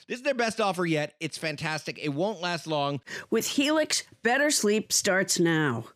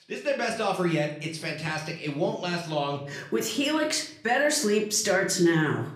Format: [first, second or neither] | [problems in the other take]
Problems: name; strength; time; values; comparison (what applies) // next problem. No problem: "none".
first | room echo; slight; dies away in 0.5 s // off-mic speech; somewhat distant